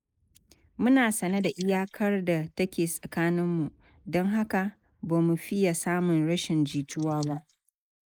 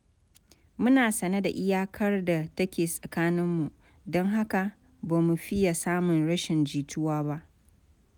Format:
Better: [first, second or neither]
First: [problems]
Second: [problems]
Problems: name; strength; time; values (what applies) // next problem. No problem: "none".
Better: second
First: noise reduction (neural mask model Resemble Enhance denoiser)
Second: none